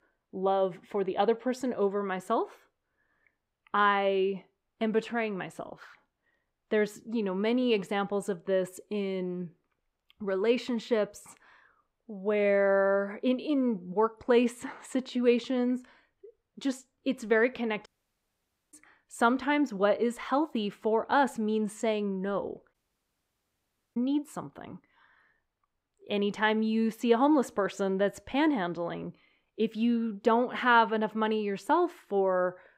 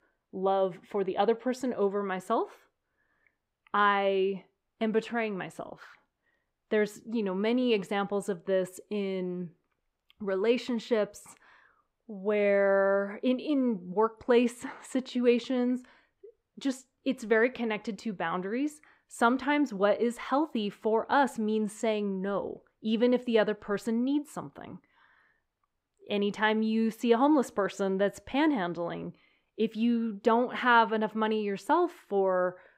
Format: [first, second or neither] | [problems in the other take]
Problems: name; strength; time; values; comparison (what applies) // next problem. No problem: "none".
second | audio cutting out; at 18 s for 1 s and at 23 s for 1 s